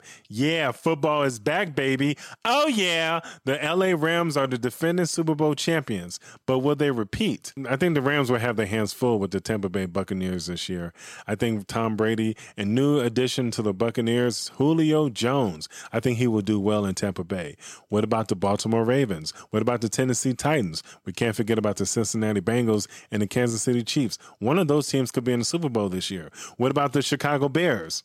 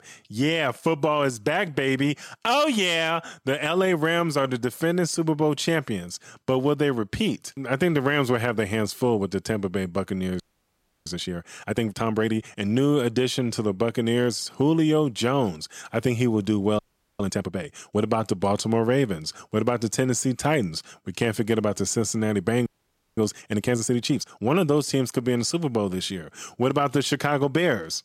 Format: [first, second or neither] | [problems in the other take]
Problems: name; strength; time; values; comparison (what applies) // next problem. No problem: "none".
first | audio freezing; at 10 s for 0.5 s, at 17 s and at 23 s for 0.5 s